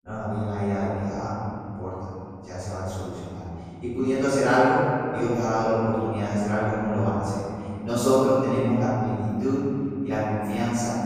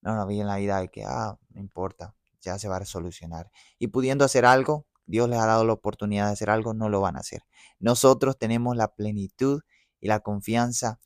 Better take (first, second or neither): second